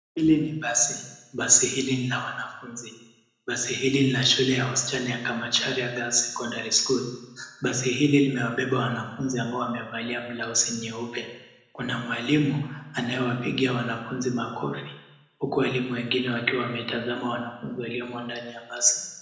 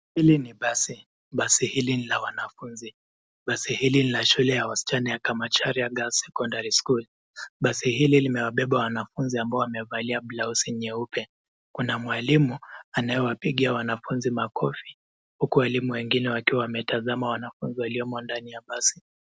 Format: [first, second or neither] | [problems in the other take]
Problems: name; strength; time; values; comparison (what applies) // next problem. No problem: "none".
second | room echo; dies away in 0.9 s